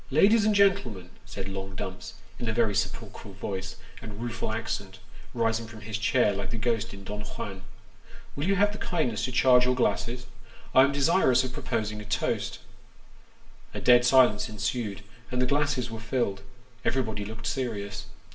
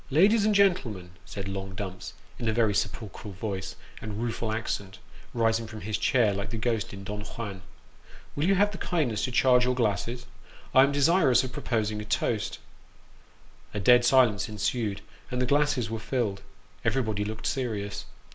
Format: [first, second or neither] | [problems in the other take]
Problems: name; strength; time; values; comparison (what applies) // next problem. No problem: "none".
second | room echo; dies away in 0.4 s